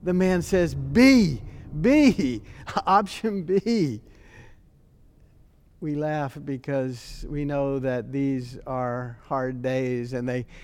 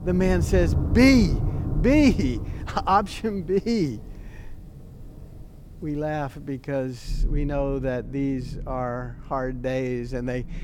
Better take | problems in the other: first | rain or running water; loud; throughout; 6 dB below the speech; faint in the first

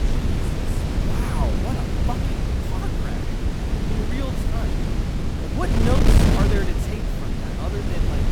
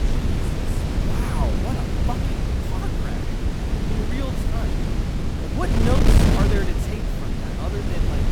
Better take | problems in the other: neither | wind noise on the microphone; heavy; 3 dB above the speech; the same in both

